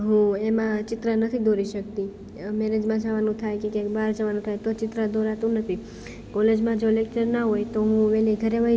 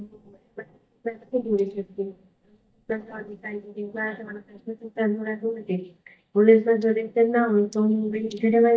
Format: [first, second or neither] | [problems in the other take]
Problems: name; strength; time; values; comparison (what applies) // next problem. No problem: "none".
first | noise reduction (neural mask model DeepFilterNet 3)